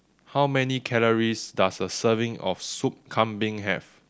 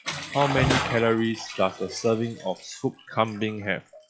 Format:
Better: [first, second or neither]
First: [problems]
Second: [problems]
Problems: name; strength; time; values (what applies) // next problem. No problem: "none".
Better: first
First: none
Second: noise reduction (classical method log-MMSE)